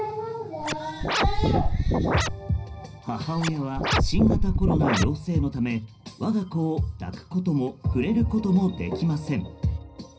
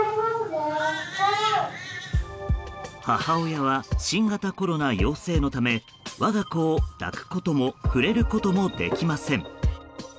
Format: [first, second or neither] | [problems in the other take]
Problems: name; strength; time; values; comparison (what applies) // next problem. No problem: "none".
second | background sound (Scratching (performance technique)); 3 dB above the speech // room echo; dies away in 0.4 s